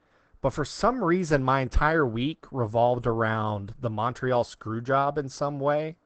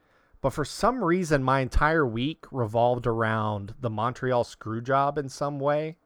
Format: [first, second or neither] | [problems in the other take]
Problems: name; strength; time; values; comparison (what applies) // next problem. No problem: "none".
second | garbled, watery; badly; nothing above 8 kHz